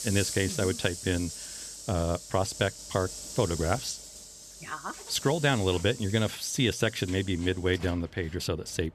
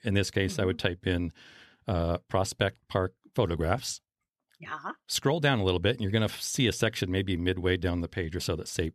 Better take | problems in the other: second | hiss; noticeable; throughout; 10 dB below the speech

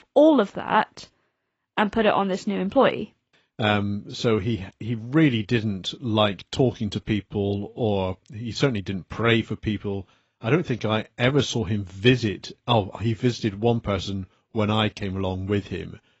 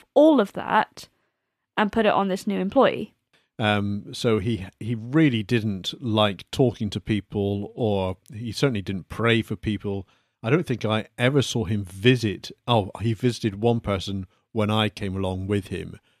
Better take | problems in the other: second | garbled, watery; badly; nothing above 7.5 kHz

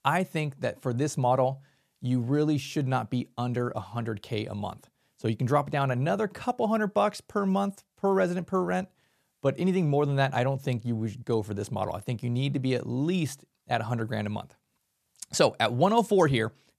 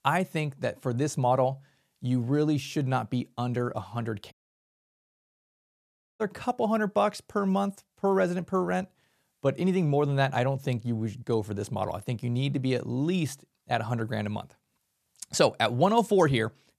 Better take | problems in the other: first | audio cutting out; at 4.5 s for 2 s

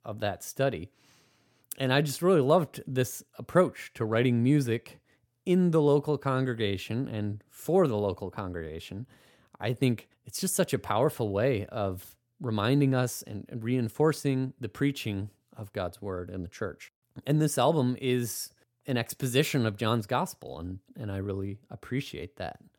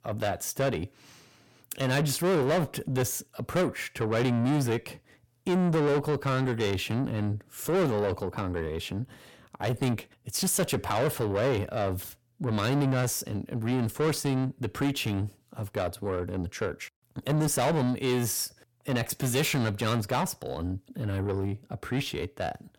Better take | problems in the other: first | distortion; heavy; 6 dB below the speech

